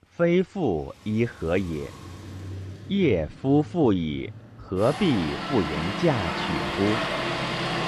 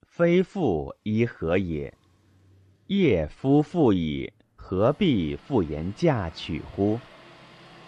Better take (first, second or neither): second